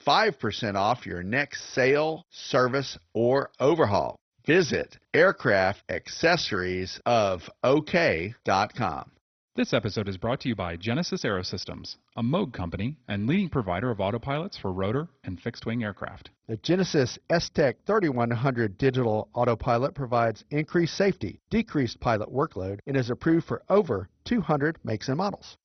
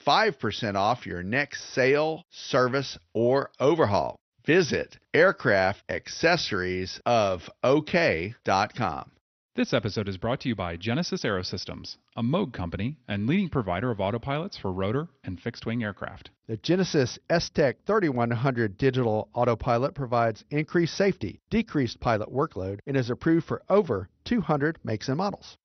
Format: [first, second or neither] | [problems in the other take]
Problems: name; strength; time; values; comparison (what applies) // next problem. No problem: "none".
second | garbled, watery; badly; nothing above 6 kHz; slightly in the second